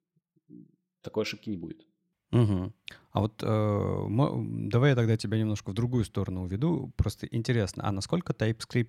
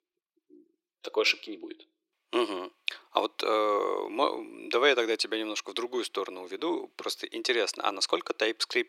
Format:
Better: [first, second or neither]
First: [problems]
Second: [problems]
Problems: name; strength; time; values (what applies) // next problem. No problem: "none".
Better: first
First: none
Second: thin; very; fading below 350 Hz